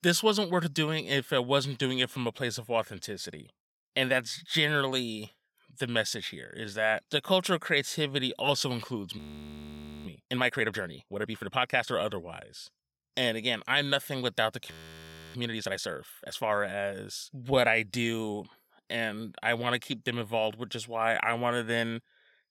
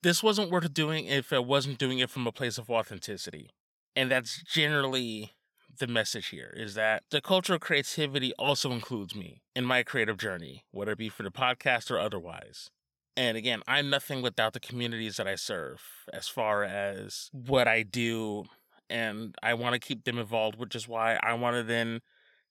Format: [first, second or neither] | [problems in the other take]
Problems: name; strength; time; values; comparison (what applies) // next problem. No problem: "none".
second | audio freezing; at 9 s for 1 s and at 15 s for 0.5 s